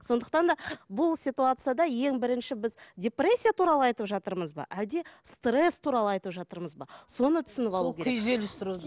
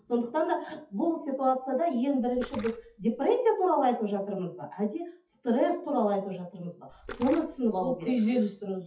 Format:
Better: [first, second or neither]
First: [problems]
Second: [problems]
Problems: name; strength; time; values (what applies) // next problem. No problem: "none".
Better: first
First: none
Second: noise reduction (classical method WPE with log-MMSE)